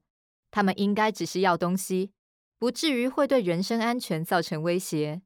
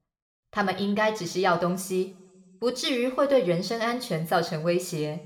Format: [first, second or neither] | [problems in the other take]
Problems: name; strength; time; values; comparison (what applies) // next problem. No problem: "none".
first | room echo; very slight; dies away in 0.6 s